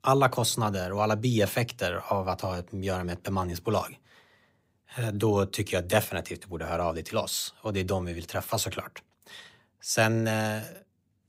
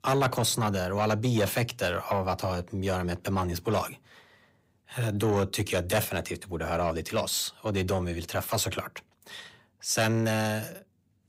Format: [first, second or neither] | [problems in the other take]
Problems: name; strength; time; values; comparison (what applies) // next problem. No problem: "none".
first | distortion; slight; 10 dB below the speech